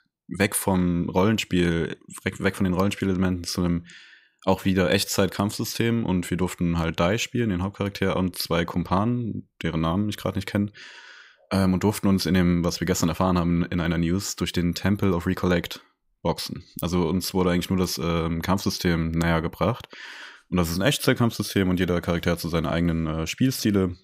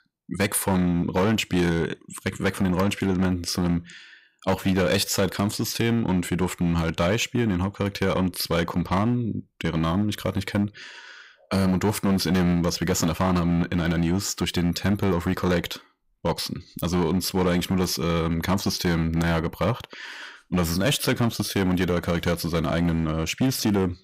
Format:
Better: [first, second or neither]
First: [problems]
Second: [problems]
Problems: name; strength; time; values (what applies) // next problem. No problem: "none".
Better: first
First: none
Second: distortion; slight; 8% of the sound clipped